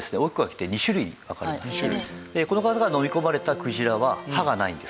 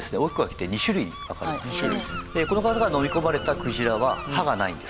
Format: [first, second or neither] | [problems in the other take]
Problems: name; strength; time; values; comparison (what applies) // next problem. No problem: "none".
first | background sound (Gull, seagull); 11 dB below the speech